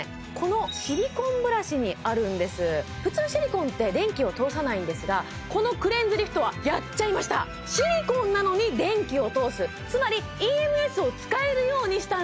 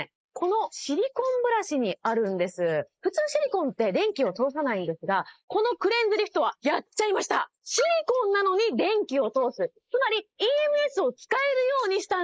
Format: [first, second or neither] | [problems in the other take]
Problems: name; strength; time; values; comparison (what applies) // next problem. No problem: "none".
first | noise reduction (neural mask model Resemble Enhance denoiser)